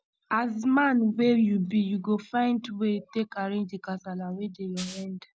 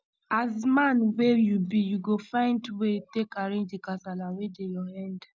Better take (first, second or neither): second